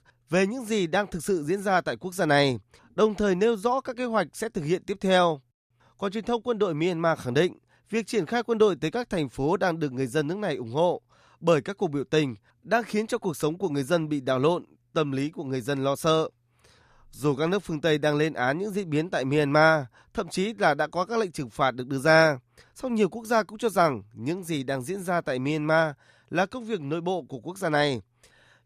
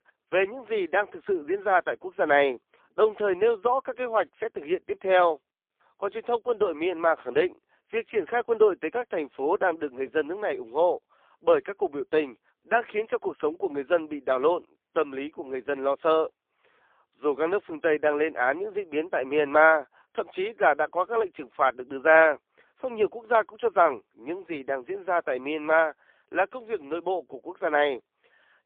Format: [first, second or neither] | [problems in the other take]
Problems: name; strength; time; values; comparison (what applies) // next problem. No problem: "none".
first | phone-call audio; poor line; nothing above 3.5 kHz